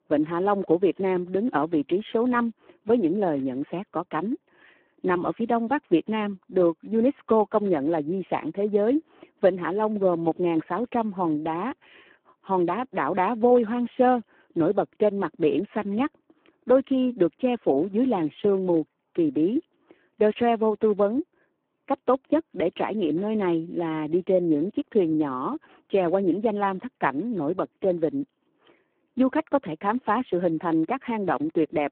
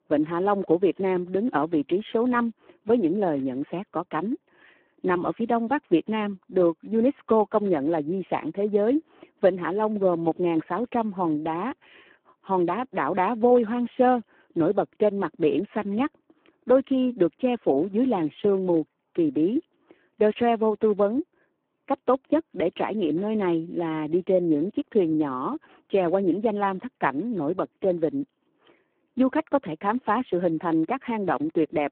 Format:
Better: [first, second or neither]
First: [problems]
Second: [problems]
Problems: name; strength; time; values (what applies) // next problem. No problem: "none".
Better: neither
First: phone-call audio; poor line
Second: phone-call audio; poor line